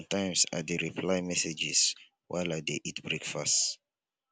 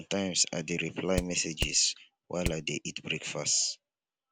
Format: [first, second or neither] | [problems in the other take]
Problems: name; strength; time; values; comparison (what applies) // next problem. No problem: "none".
first | background sound (Hammer); 4 dB below the speech